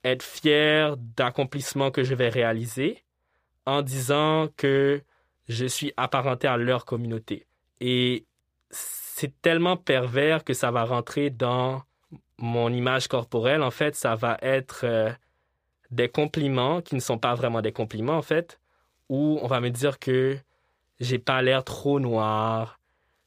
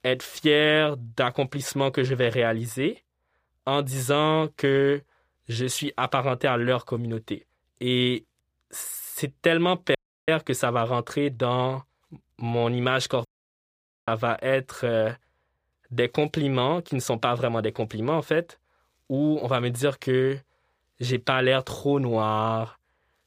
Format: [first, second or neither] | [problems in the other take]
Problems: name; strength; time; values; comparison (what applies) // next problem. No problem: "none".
first | audio cutting out; at 10 s and at 13 s for 1 s